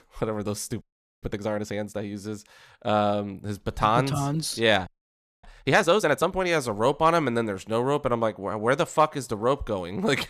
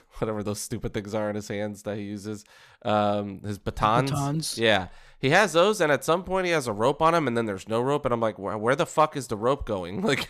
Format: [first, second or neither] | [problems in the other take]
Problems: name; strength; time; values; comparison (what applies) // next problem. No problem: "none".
second | audio freezing; at 1 s and at 5 s for 0.5 s